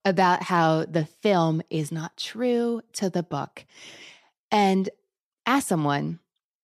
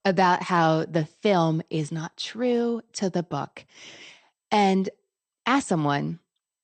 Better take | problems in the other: first | garbled, watery; slightly; nothing above 8.5 kHz

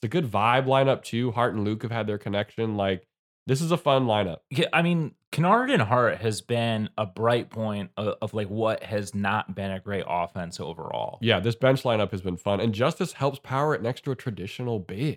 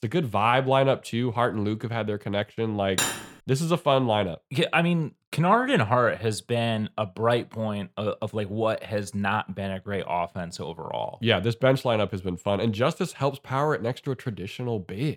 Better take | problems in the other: first | clattering dishes; noticeable; at 3 s; peak level with the speech

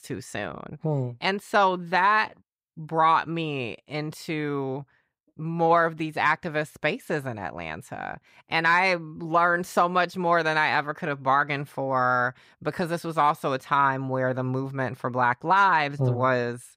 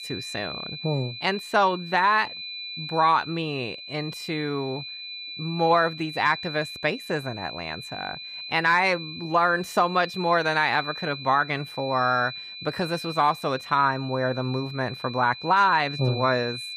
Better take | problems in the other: first | high-pitched whine; noticeable; throughout; 4 kHz, 10 dB below the speech

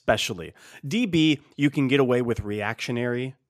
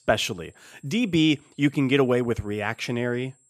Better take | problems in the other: first | high-pitched whine; faint; throughout; 7.5 kHz, 35 dB below the speech

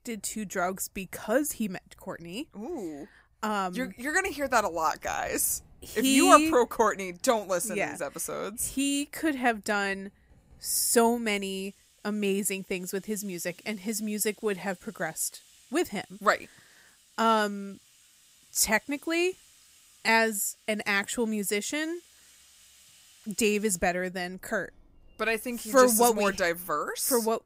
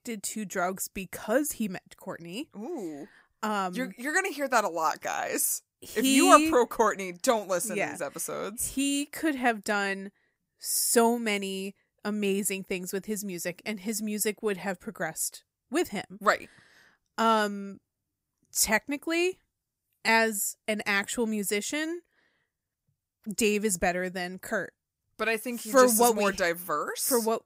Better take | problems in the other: second | household noises; faint; throughout; 30 dB below the speech

